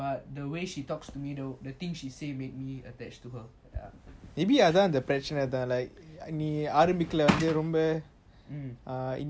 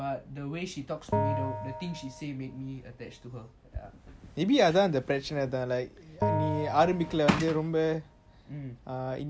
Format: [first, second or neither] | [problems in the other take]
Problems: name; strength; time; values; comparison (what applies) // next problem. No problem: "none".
first | background sound (Bell); 5 dB below the speech